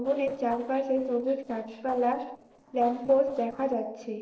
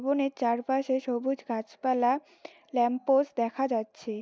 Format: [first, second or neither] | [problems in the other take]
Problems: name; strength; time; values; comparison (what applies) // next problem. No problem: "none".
second | noise reduction (neural separator model SepFormer DNS4)